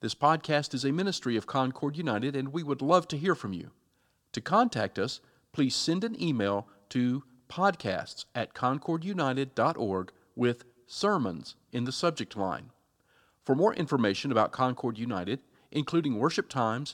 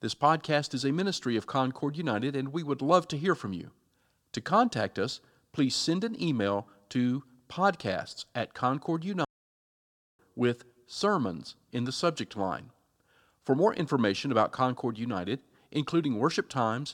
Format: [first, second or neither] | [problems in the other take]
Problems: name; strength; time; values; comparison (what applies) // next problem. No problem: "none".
first | audio cutting out; at 9.5 s for 1 s